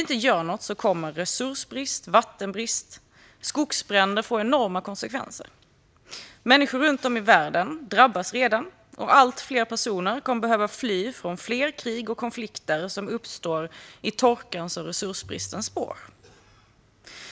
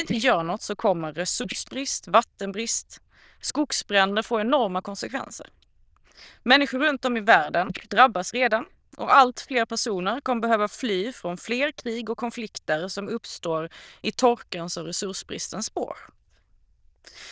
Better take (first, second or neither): first